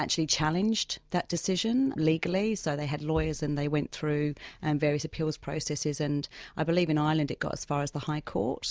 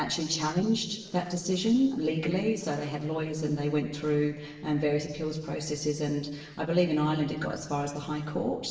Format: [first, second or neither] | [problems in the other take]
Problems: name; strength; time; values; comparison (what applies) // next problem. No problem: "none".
first | noise reduction (neural separator model SepFormer DNS4)